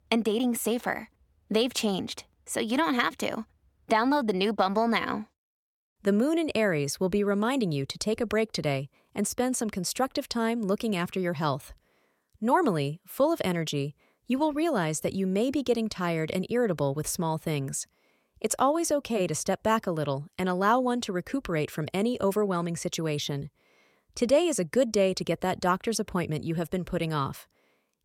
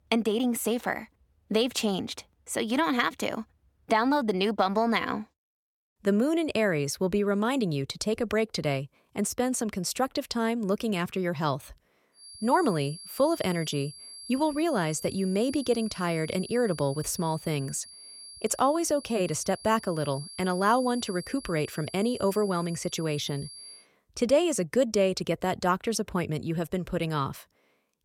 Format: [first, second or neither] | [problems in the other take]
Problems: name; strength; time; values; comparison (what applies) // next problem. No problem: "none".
first | high-pitched whine; noticeable; from 12 to 24 s; 4.5 kHz, 15 dB below the speech